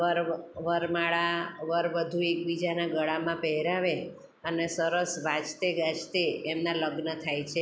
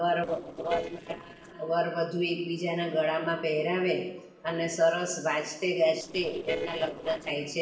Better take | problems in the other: first | noise reduction (neural separator model SepFormer DNS4)

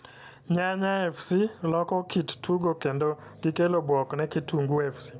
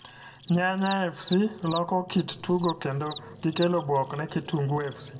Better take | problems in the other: first | background sound (Cricket); 18 dB below the speech // room echo; dies away in 1.5 s

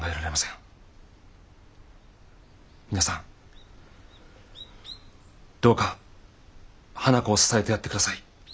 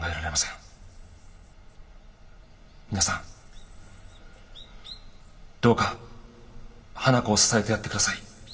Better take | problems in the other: first | room echo; dies away in 1.6 s

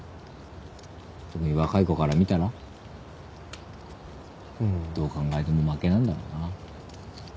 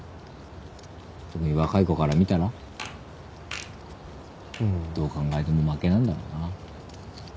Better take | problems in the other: first | background sound (Fart); 17 dB below the speech

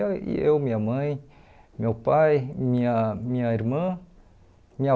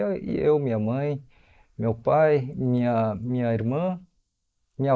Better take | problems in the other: first | noise reduction (neural mask model Resemble Enhance denoiser)

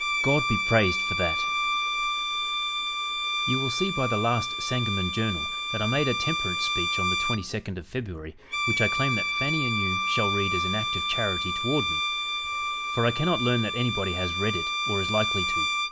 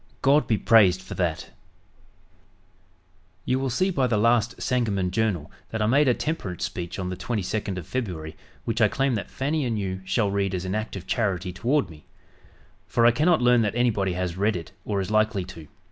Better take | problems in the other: second | background sound (Bowed string instrument); 1 dB above the speech

